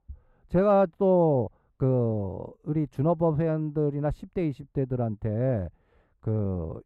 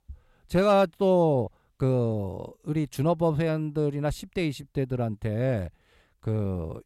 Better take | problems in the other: second | muffled; very; fading above 2 kHz

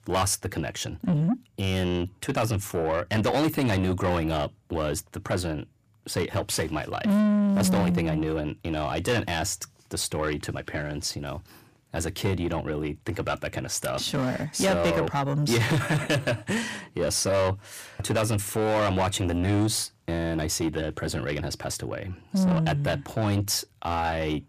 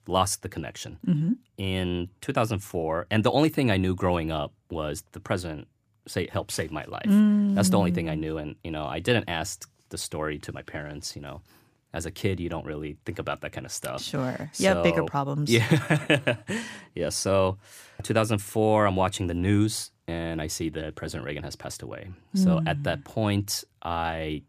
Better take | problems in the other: second | distortion; heavy; 7 dB below the speech

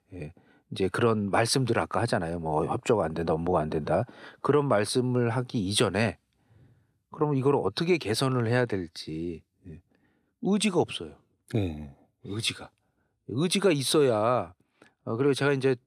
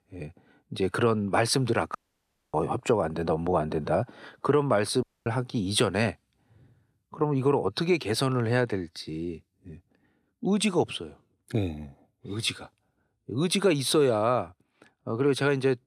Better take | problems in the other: first | audio cutting out; at 2 s for 0.5 s and at 5 s

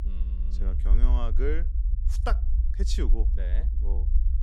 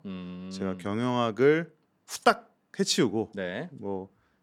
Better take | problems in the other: second | low rumble; noticeable; throughout; 10 dB below the speech

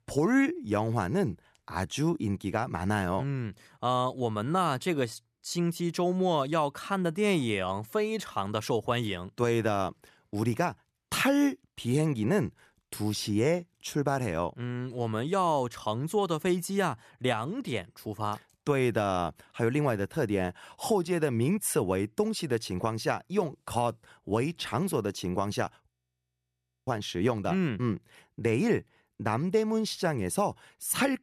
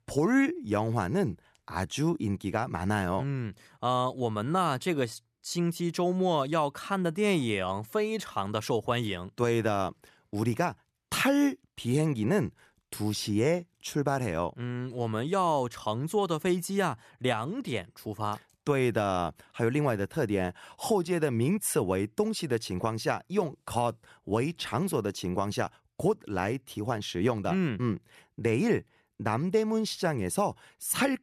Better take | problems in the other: second | audio freezing; at 26 s for 1 s

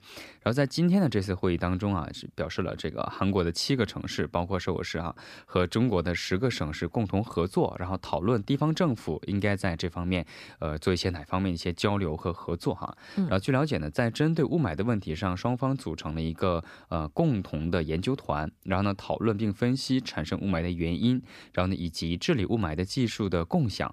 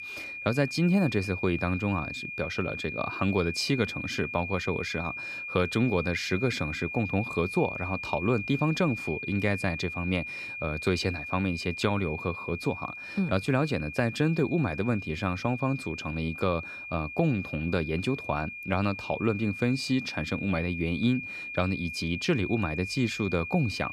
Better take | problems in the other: first | high-pitched whine; loud; throughout; 2.5 kHz, 7 dB below the speech

